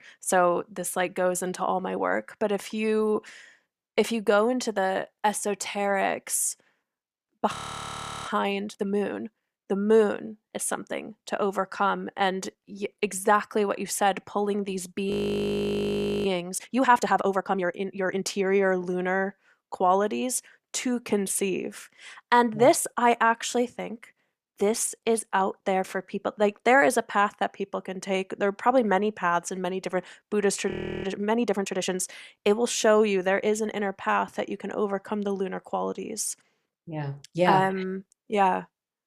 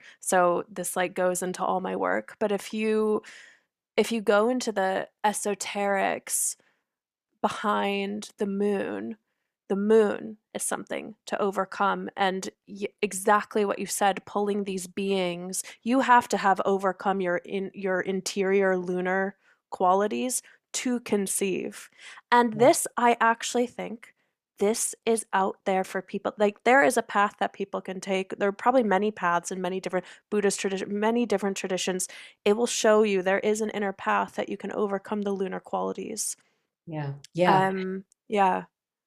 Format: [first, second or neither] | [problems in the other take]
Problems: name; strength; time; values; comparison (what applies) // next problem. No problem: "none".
second | audio freezing; at 7.5 s for 0.5 s, at 15 s for 1 s and at 31 s